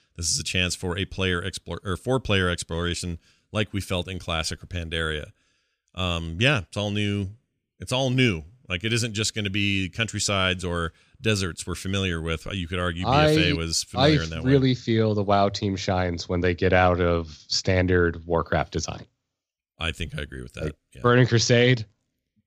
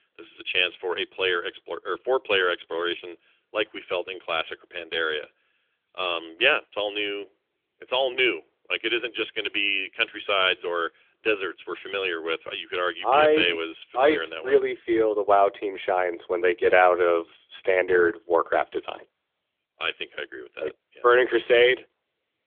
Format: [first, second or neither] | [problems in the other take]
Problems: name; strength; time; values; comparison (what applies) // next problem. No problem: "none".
first | phone-call audio; nothing above 3.5 kHz